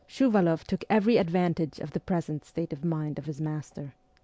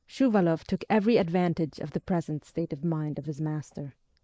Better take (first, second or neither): first